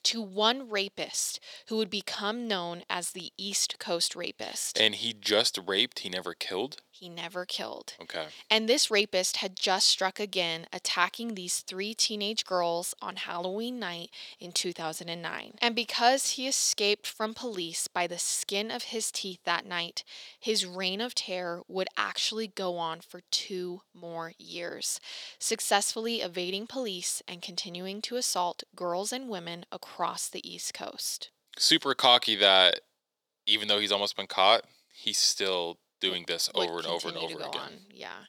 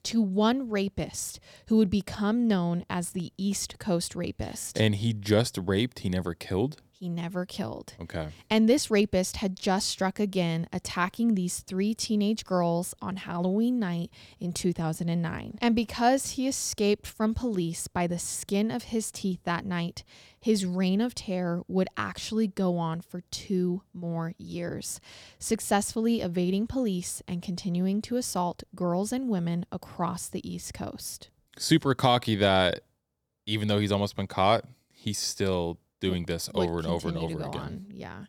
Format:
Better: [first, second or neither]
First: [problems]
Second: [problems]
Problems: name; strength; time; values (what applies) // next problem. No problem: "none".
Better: second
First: thin; somewhat; fading below 450 Hz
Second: none